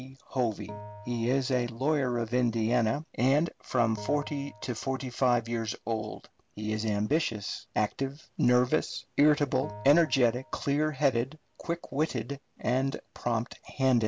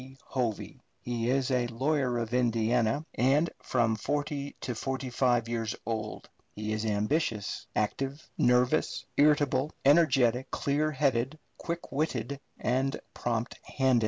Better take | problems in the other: second | background sound (Bell); 19 dB below the speech

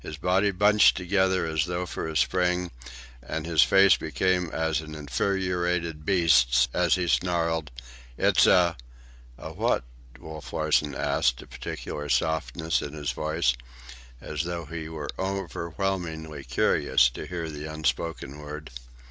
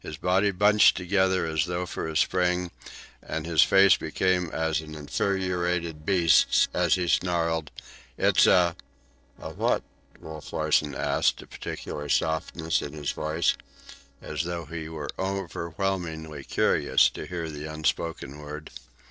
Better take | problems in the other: first | noise reduction (neural separator model SepFormer DNS4)

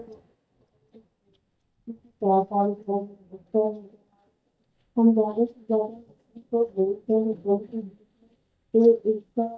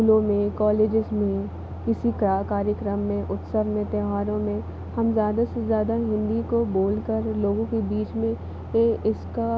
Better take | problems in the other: second | noise reduction (neural mask model DeepFilterNet 3)

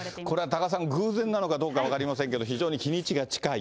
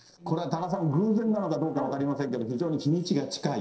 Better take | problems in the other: first | noise reduction (neural separator model SepFormer DNS4)

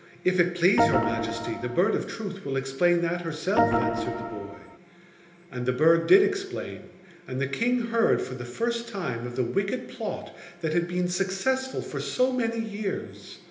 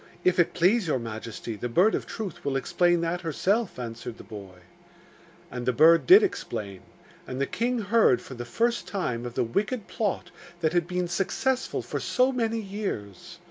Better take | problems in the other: second | background sound (Organ); as loud as the speech // room echo; dies away in 1 s

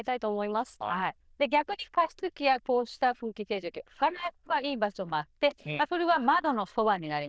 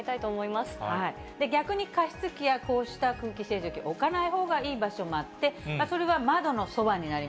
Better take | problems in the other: second | noise reduction (neural diffusion model UNIVERSE++)

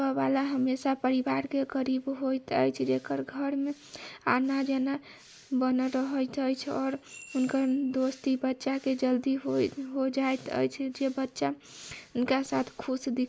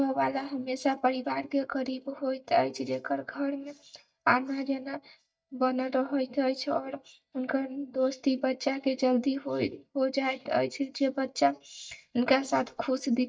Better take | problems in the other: first | noise reduction (neural mask model DeepFilterNet 3)

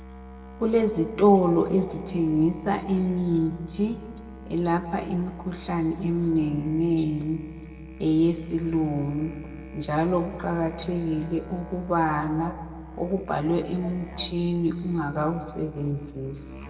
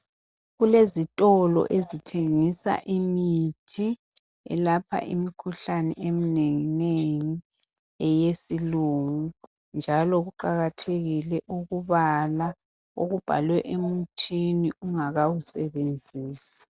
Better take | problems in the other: second | background sound (Musical instrument); 16 dB below the speech // room echo; dies away in 1.4 s

